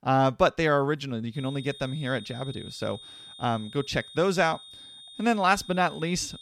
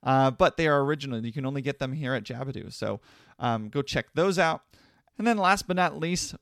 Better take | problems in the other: second | high-pitched whine; noticeable; from 1.5 s on; 3.5 kHz, 15 dB below the speech

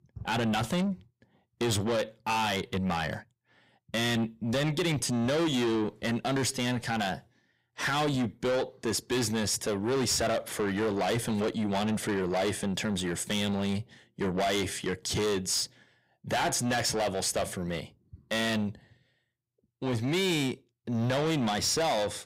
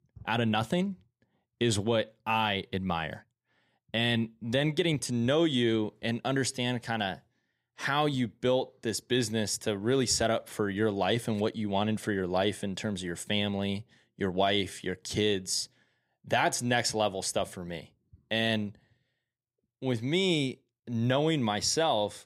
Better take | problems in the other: second | distortion; heavy; 6 dB below the speech

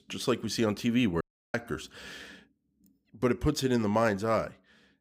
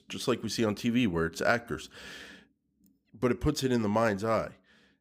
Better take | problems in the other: second | audio cutting out; at 1 s

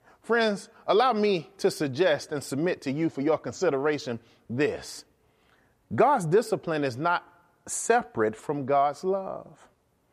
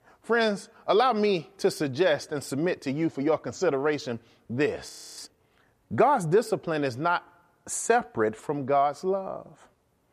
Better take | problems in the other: first | audio freezing; at 5 s

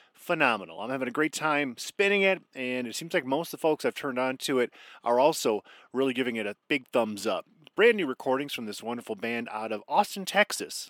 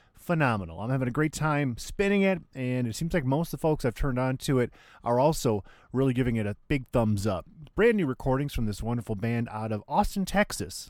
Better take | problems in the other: second | thin; somewhat; fading below 300 Hz

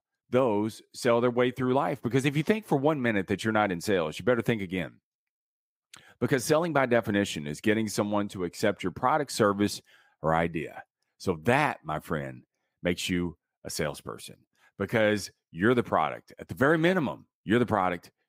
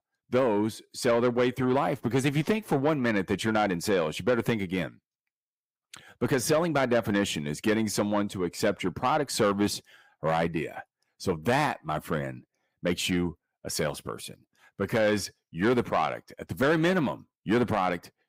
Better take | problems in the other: first | distortion; slight; 10 dB below the speech

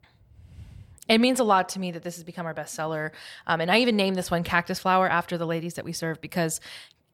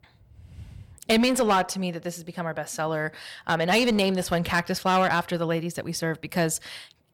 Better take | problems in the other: first | distortion; slight; 5% of the sound clipped

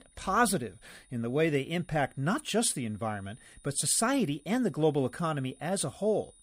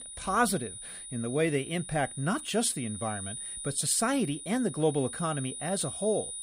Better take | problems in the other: first | high-pitched whine; loud; throughout; 9.5 kHz, 9 dB below the speech; faint in the first

